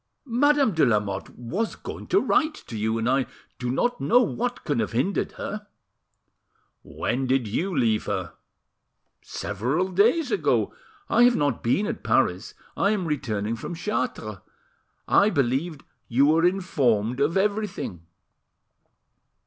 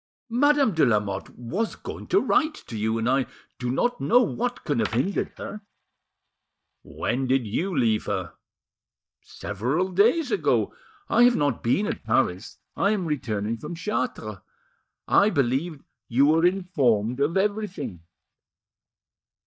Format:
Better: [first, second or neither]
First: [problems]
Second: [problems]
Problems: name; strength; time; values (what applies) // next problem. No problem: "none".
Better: first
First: none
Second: noise reduction (neural mask model DeepFilterNet 3)